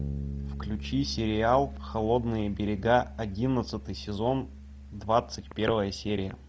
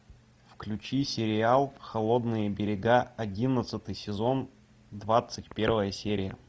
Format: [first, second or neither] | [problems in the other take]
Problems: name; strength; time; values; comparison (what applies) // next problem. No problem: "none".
second | background sound (Bass guitar); 10 dB below the speech